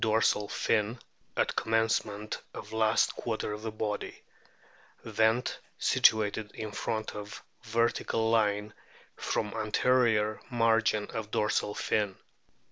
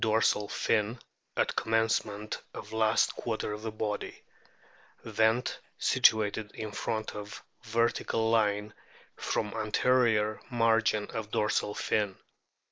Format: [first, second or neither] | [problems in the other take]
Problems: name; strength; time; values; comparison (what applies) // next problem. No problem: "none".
first | noise reduction (neural mask model Resemble Enhance denoiser)